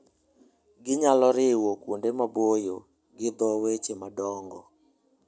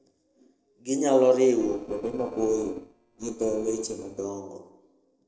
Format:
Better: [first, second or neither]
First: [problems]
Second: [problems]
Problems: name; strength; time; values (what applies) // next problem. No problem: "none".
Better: first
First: none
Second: noise reduction (neural separator model SepFormer DNS4)